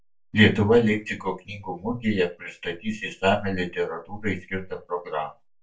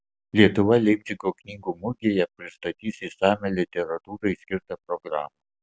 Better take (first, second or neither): second